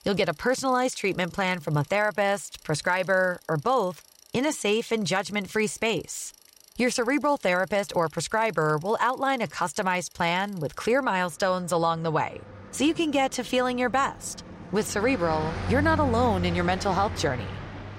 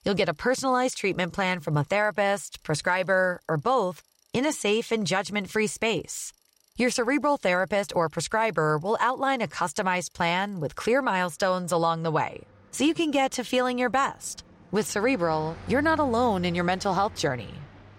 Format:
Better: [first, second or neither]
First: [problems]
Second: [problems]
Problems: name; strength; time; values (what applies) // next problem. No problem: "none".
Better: second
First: traffic noise; loud; throughout; 10 dB below the speech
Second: traffic noise; faint; throughout; 20 dB below the speech